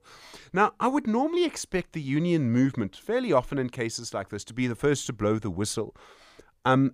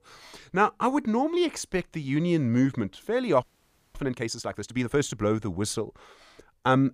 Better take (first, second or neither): first